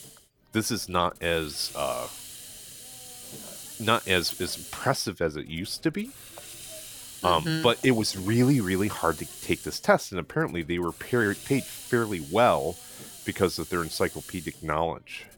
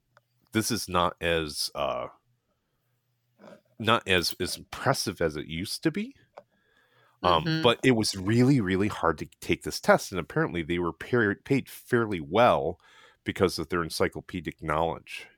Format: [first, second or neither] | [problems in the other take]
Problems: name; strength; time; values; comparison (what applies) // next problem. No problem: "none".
second | hiss; noticeable; throughout; 15 dB below the speech